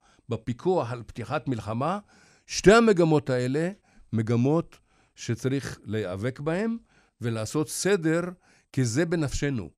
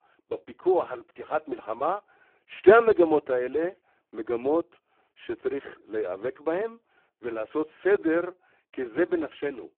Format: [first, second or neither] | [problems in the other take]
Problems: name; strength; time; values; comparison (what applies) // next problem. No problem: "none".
first | phone-call audio; poor line